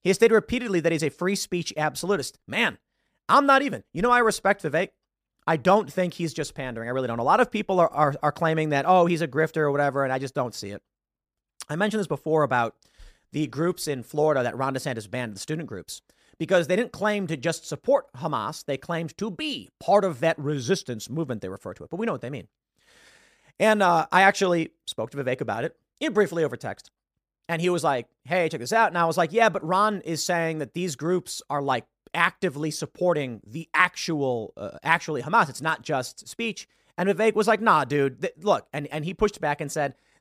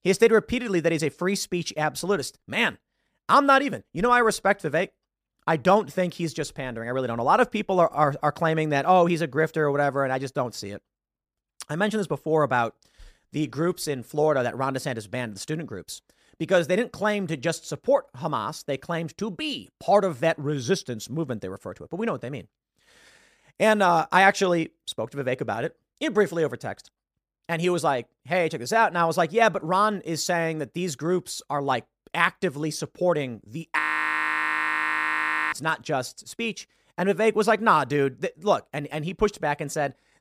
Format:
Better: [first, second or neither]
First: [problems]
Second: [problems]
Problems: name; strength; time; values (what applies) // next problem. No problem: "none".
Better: first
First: none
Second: audio freezing; at 34 s for 1.5 s